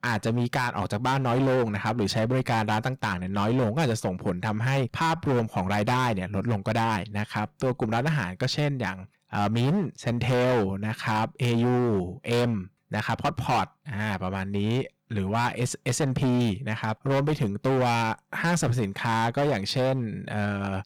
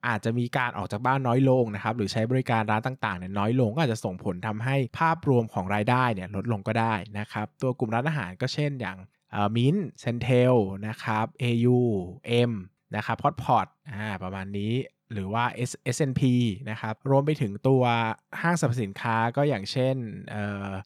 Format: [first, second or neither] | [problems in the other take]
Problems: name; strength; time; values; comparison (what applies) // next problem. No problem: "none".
second | distortion; heavy; 17% of the sound clipped